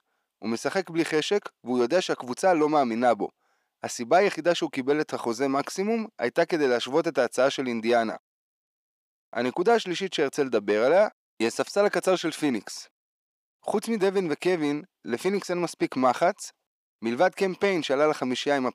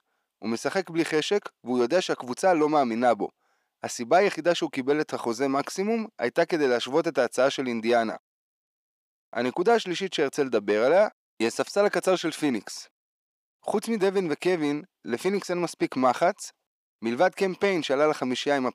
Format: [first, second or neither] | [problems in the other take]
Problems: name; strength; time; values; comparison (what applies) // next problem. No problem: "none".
neither | thin; somewhat; fading below 300 Hz; the same in both